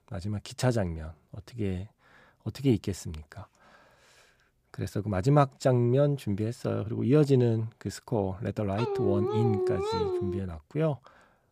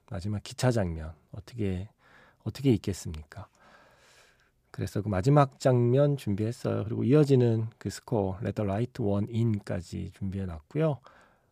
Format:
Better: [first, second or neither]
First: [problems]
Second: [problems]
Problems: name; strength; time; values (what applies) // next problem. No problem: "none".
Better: second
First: dog barking; noticeable; from 9 to 10 s; peak level with the speech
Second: none